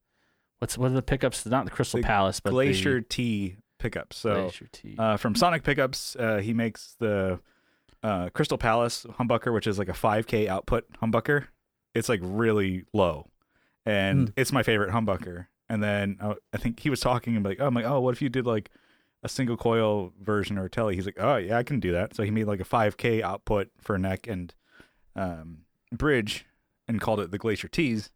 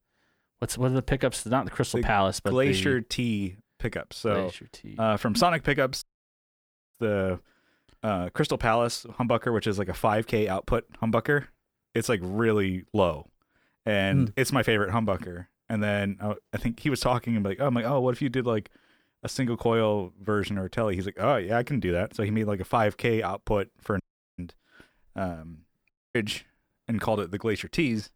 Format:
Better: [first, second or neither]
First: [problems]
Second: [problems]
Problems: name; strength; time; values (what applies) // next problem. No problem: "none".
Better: first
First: none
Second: audio cutting out; at 6 s for 1 s, at 24 s and at 26 s